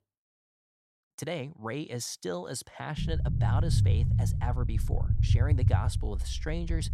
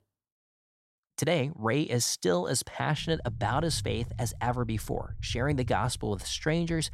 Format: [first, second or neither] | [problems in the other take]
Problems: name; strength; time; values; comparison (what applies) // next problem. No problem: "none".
second | low rumble; loud; from 3 s on; 4 dB below the speech; faint in the second